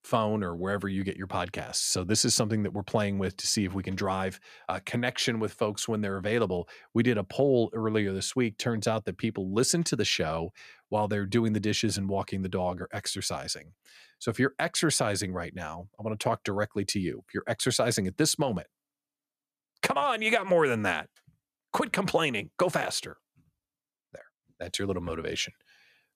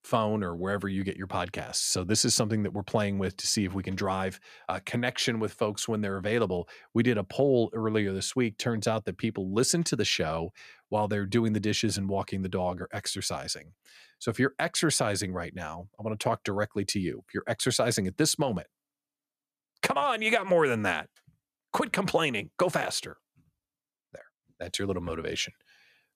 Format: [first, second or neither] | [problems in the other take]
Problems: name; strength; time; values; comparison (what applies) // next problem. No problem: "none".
neither | none